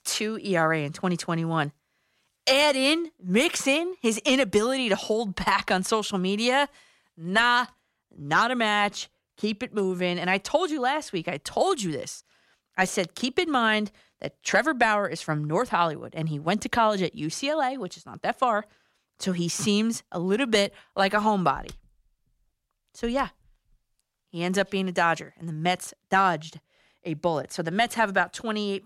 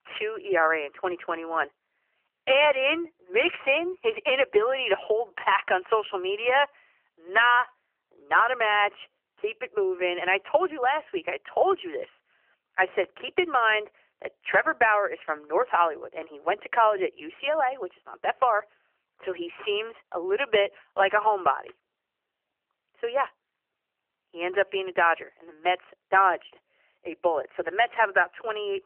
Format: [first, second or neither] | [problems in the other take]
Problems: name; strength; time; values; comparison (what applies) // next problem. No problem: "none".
first | phone-call audio; nothing above 3 kHz